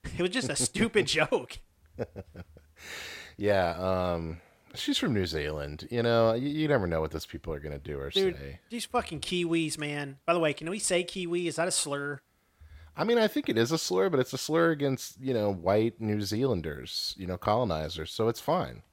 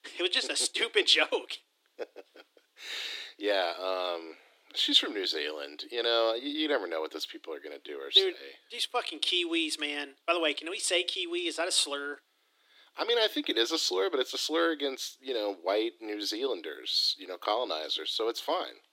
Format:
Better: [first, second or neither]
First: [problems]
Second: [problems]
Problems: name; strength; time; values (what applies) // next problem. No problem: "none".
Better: first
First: none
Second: thin; somewhat; fading below 300 Hz